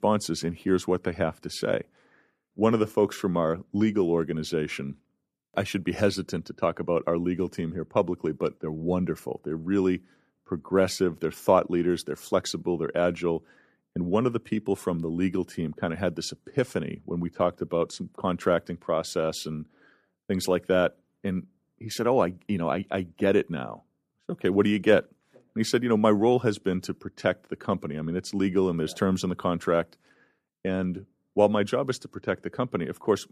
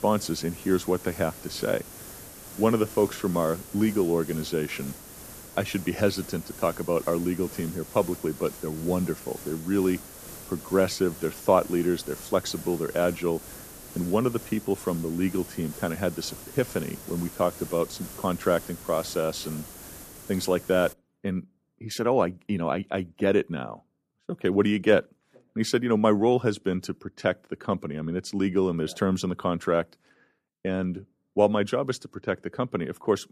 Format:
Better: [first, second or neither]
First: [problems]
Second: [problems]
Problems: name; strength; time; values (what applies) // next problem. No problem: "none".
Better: first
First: none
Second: hiss; noticeable; until 21 s; 15 dB below the speech